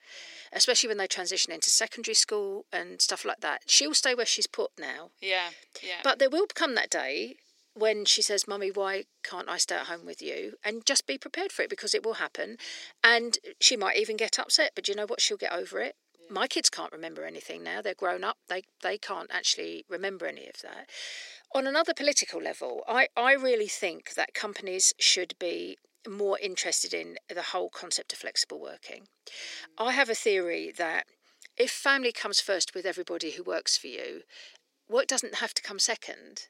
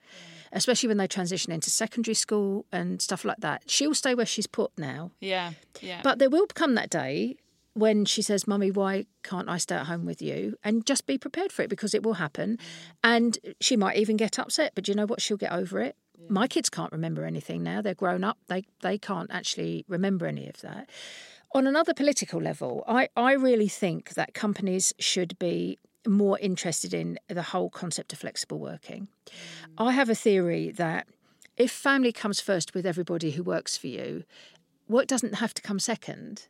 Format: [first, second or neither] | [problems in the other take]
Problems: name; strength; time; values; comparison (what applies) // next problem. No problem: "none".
second | thin; very; fading below 350 Hz